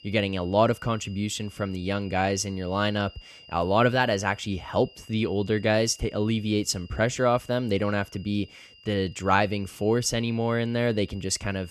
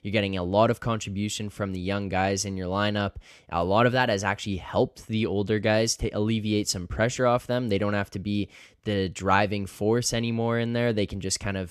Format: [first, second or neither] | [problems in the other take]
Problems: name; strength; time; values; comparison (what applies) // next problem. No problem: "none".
second | high-pitched whine; faint; throughout; 3 kHz, 25 dB below the speech